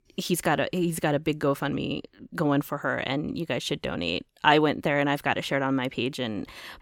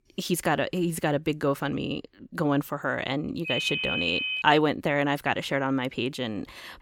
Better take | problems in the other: first | phone ringing; loud; at 3.5 s; peak 1 dB above the speech

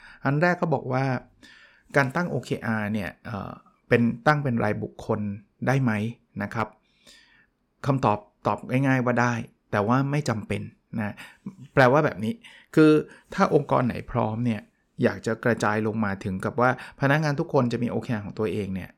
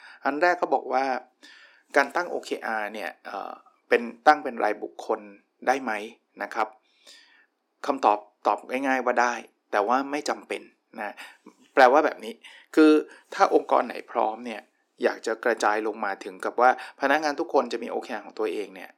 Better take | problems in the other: first | thin; somewhat; fading below 300 Hz

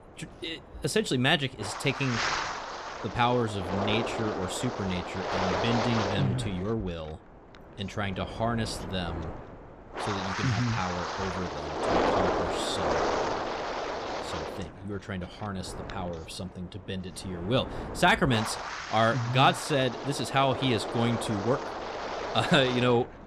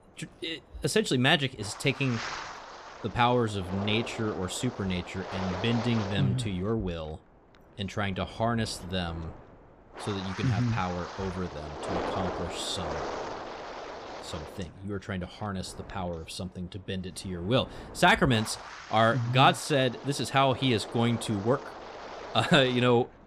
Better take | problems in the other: second | wind noise on the microphone; heavy; 2 dB below the speech; occasional gusts in the second

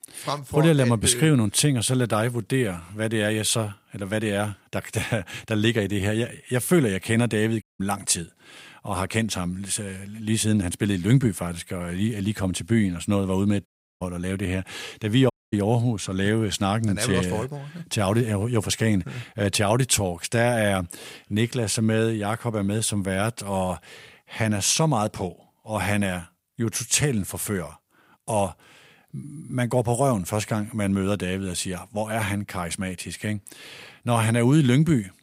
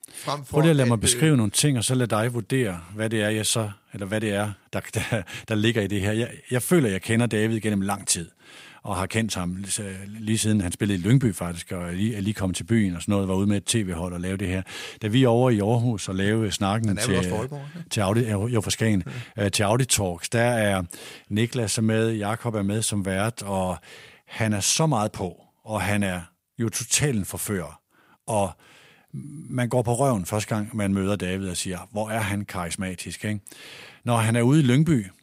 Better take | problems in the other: second | audio cutting out; at 7.5 s, at 14 s and at 15 s

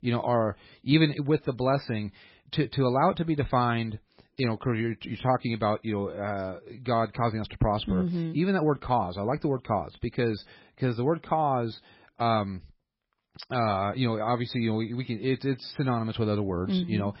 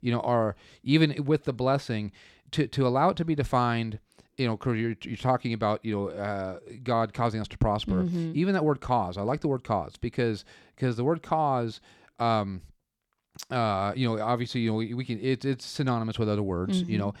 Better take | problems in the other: second | garbled, watery; badly; nothing above 4.5 kHz

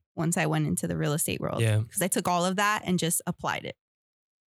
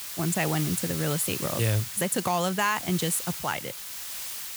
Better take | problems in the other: first | hiss; loud; throughout; 5 dB below the speech

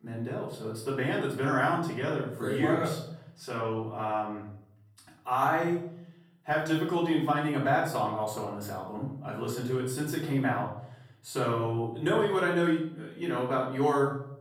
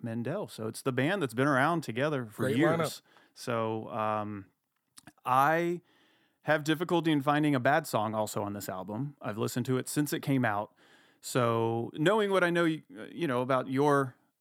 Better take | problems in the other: second | off-mic speech; far // room echo; noticeable; dies away in 0.6 s

